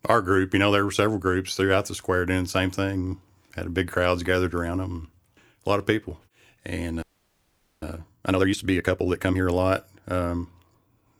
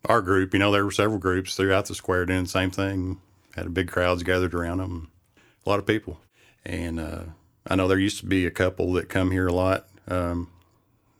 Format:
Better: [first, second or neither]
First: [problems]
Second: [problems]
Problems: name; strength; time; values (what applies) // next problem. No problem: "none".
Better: second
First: audio freezing; at 7 s for 1 s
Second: none